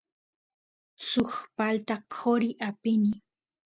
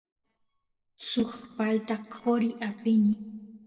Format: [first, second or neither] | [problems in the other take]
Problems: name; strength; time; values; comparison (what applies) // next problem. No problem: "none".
first | noise reduction (neural separator model SepFormer DNS4)